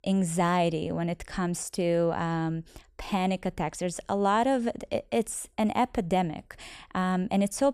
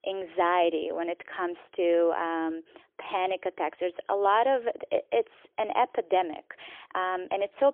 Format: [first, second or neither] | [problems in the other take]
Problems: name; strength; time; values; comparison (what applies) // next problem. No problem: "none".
first | phone-call audio; poor line; nothing above 3.5 kHz